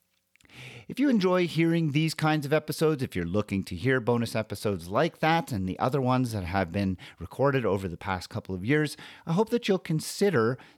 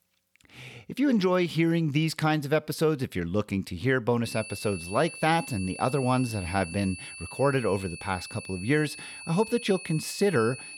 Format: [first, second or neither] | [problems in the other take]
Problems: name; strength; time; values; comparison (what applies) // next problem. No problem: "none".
first | high-pitched whine; noticeable; from 4.5 s on; 2.5 kHz, 10 dB below the speech